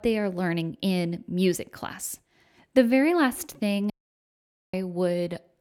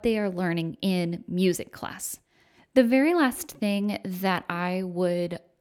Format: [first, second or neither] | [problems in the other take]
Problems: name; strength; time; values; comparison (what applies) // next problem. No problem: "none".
second | audio cutting out; at 4 s for 1 s